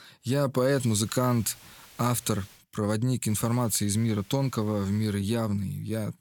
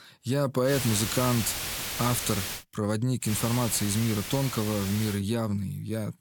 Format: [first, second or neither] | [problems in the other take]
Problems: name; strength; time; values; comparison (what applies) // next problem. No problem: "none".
first | hiss; loud; from 0.5 to 2.5 s and from 3.5 to 5 s; 4 dB below the speech; faint in the first